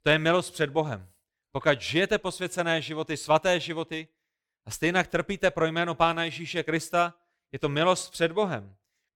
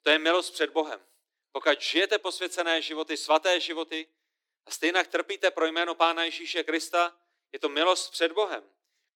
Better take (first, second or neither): first